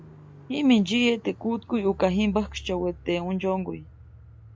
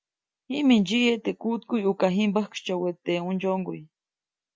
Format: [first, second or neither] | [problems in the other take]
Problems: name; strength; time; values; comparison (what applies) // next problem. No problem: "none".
second | background sound (Car); 19 dB below the speech